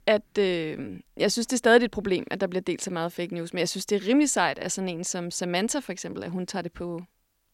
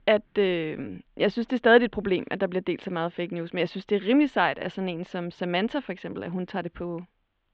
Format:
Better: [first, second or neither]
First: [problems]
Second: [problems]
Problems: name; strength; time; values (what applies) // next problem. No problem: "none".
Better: first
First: none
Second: muffled; very; fading above 3.5 kHz